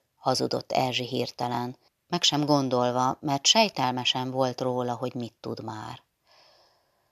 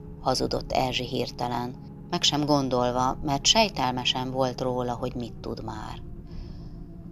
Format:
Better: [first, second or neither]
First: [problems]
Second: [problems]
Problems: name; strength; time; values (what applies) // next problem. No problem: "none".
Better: first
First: none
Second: low rumble; faint; throughout; 25 dB below the speech